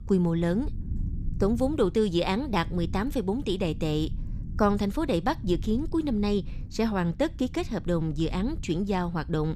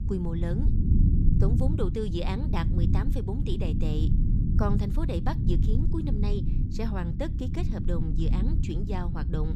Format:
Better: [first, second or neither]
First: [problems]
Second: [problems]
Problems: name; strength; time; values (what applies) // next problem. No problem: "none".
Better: first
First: low rumble; faint; throughout; 20 dB below the speech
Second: low rumble; loud; throughout; 3 dB below the speech